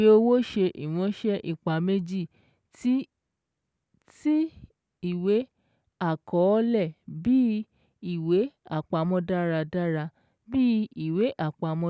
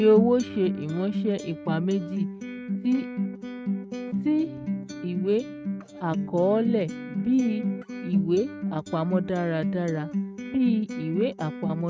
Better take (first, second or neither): first